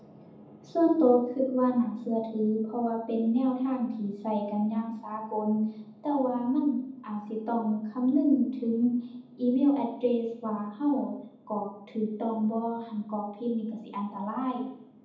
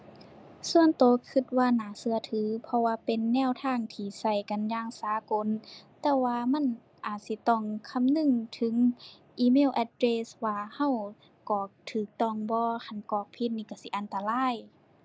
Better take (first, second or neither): second